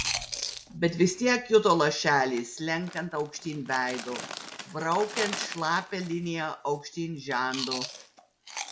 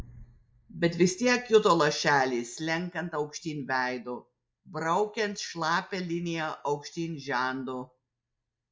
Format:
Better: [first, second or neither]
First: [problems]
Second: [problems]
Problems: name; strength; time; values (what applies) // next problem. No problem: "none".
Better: second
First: background sound (Chewing, mastication); 11 dB below the speech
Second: none